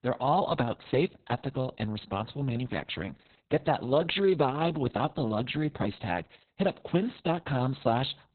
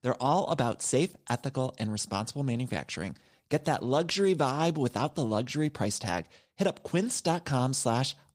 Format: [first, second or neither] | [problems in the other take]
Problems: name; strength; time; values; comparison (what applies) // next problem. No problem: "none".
second | garbled, watery; badly; nothing above 4 kHz; slightly in the second